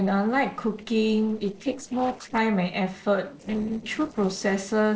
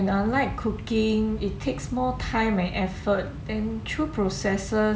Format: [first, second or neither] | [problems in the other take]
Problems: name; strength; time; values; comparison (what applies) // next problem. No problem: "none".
second | noise reduction (neural separator model SepFormer DNS4)